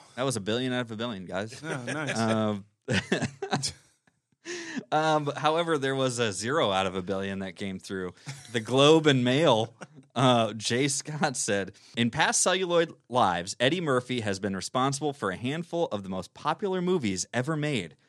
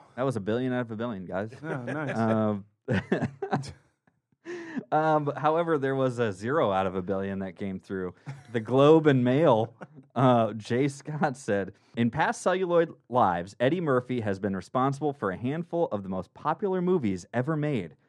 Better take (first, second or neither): first